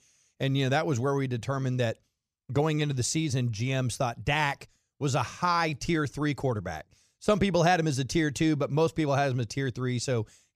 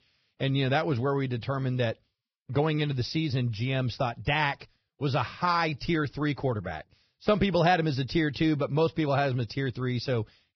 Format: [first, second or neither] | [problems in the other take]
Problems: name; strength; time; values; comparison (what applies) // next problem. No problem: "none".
first | garbled, watery; badly; nothing above 5.5 kHz